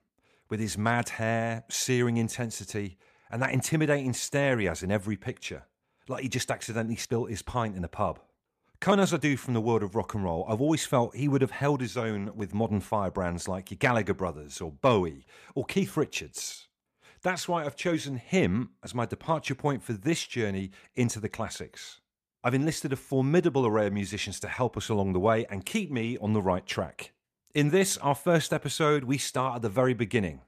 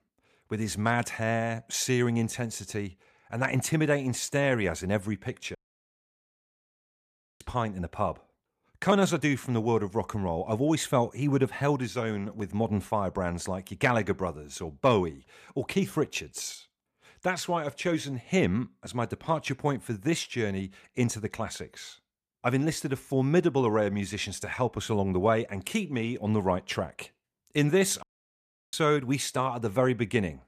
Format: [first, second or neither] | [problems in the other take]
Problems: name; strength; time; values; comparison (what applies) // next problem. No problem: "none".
first | audio cutting out; at 5.5 s for 2 s and at 28 s for 0.5 s